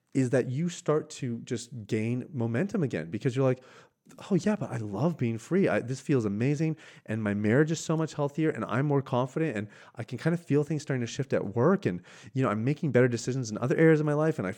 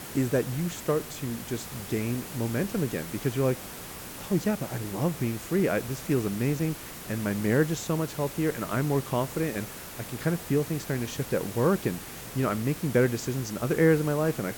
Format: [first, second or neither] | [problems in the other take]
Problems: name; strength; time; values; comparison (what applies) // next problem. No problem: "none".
first | hiss; noticeable; throughout; 10 dB below the speech